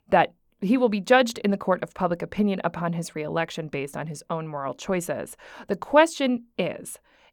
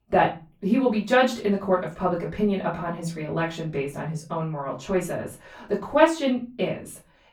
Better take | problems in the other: first | off-mic speech; far // room echo; slight; dies away in 0.3 s

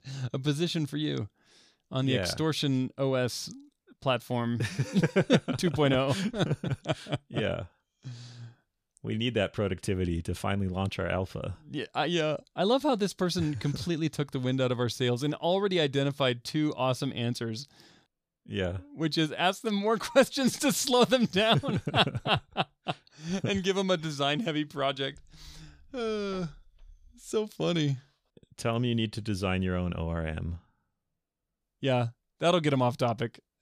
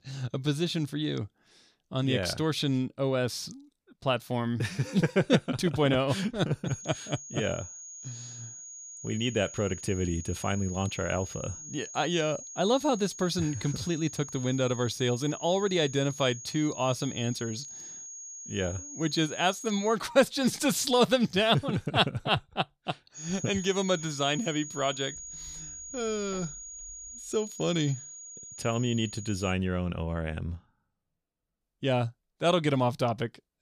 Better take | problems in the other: first | high-pitched whine; noticeable; from 6.5 to 20 s and from 23 to 30 s; 6.5 kHz, 10 dB below the speech

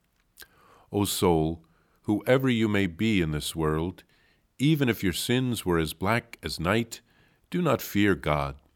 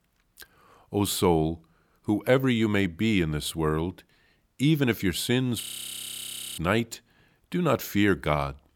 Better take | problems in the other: first | audio freezing; at 5.5 s for 1 s

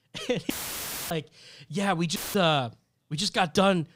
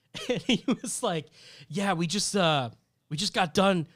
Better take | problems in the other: second | audio cutting out; filled with static; at 0.5 s for 0.5 s and at 2 s

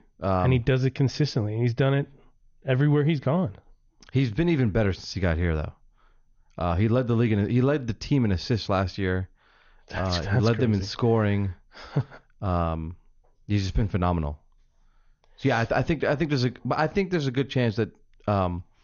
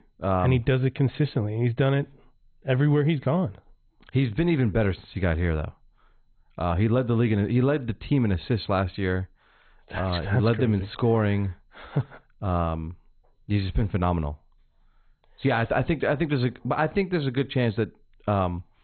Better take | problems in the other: first | garbled, watery; badly; nothing above 4 kHz; slightly in the first

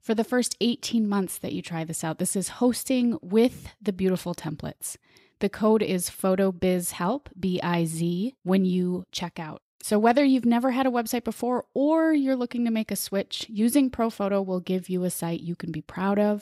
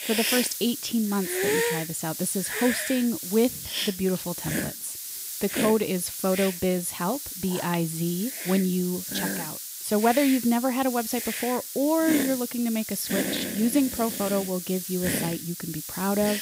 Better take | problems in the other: first | hiss; loud; throughout; 3 dB below the speech

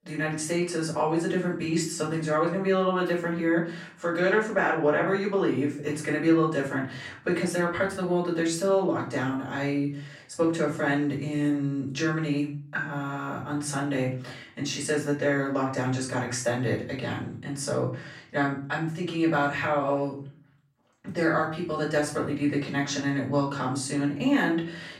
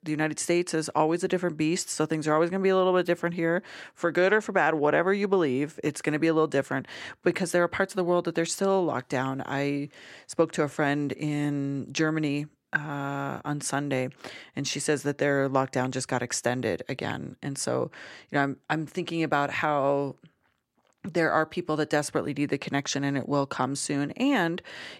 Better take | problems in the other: second | off-mic speech; far // room echo; slight; dies away in 0.5 s

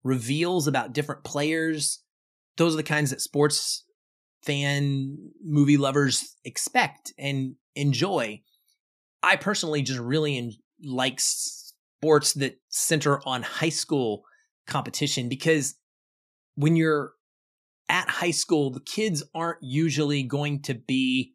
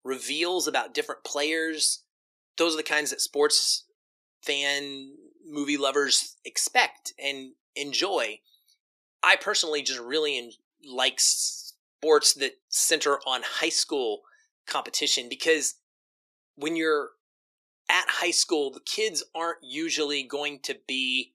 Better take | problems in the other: first | thin; somewhat; fading below 400 Hz

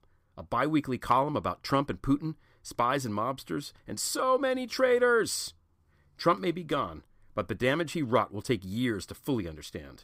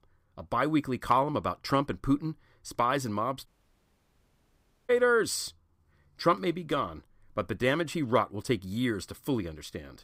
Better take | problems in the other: first | audio cutting out; at 3.5 s for 1.5 s

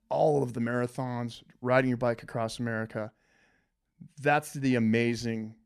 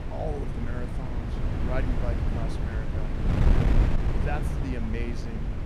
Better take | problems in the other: first | wind noise on the microphone; heavy; 1 dB above the speech

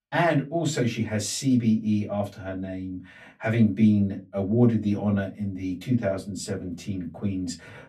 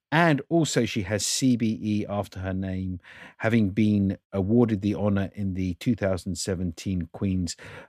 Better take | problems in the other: second | off-mic speech; far // room echo; very slight; dies away in 0.2 s

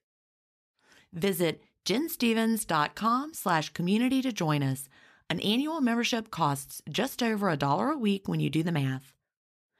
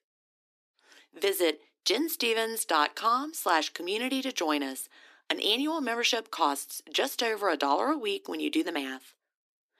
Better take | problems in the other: first | thin; somewhat; fading below 300 Hz

